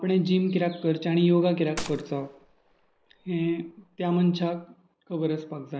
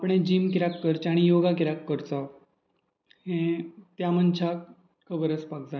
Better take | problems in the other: second | background sound (Gunshot, gunfire); 17 dB below the speech

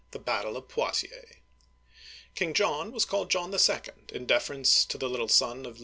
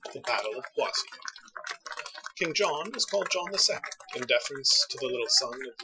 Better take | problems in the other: first | noise reduction (classical method Wiener filter)

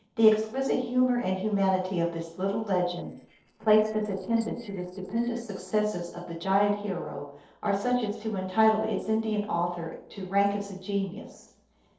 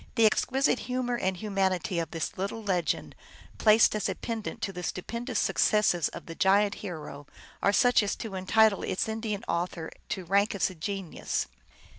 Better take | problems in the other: second | noise reduction (neural separator model SepFormer DNS4)

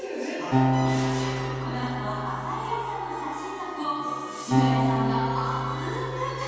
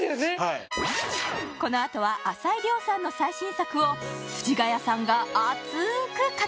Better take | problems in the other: second | background sound (Acoustic guitar); 2 dB above the speech // room echo; dies away in 2.1 s

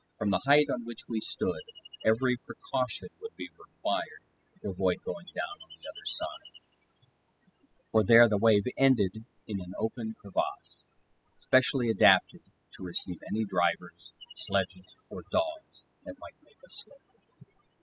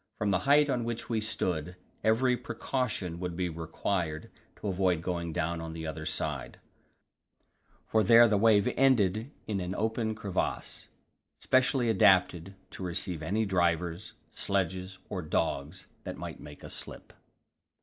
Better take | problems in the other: second | noise reduction (classical method spectral subtraction)

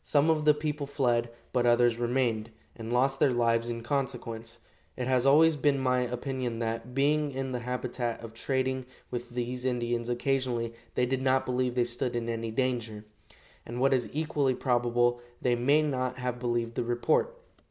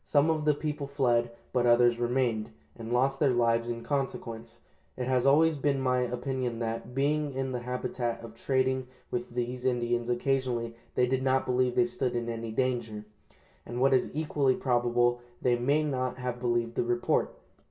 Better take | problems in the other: first | room echo; dies away in 0.2 s

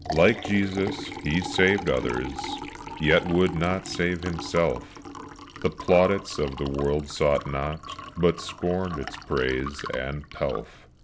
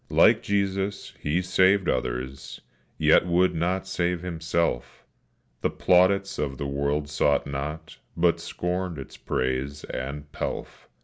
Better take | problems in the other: second | background sound (Liquid); 11 dB below the speech

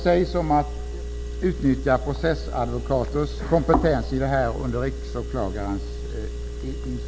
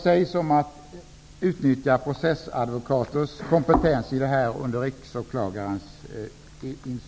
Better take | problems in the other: second | background sound (Engine); 6 dB below the speech

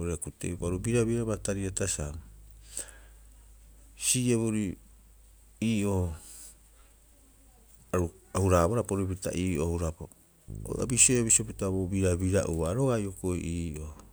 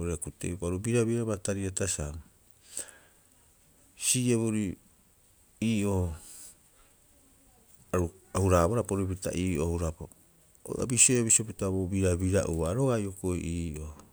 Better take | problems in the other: second | background sound (Bass guitar); 19 dB below the speech

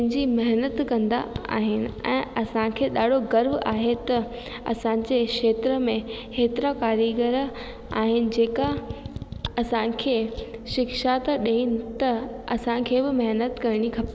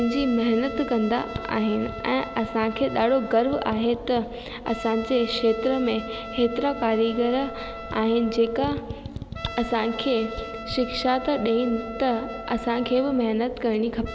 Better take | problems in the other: first | background sound (Trumpet); 13 dB below the speech

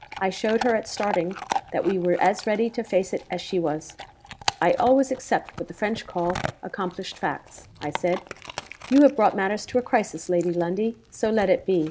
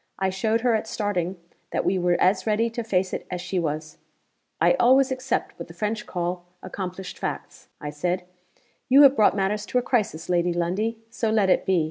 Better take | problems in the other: second | background sound (Chewing, mastication / Dog); 13 dB below the speech

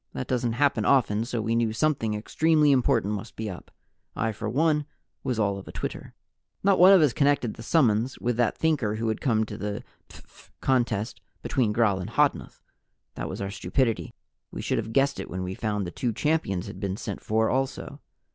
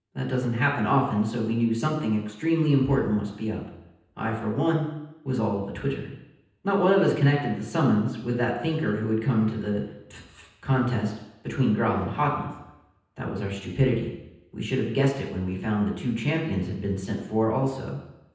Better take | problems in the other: first | room echo; dies away in 0.9 s

